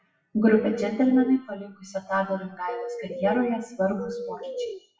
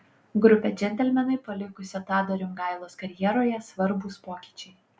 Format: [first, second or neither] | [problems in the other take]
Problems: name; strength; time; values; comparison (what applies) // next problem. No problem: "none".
second | noise reduction (classical method WPE with log-MMSE)